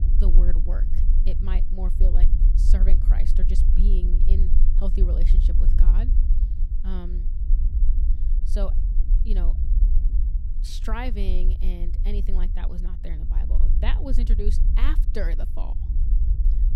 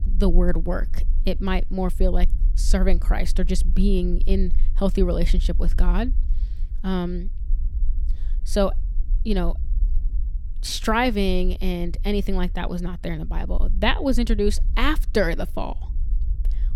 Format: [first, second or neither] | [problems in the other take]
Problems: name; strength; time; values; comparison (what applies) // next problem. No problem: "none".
second | low rumble; loud; throughout; 7 dB below the speech; faint in the second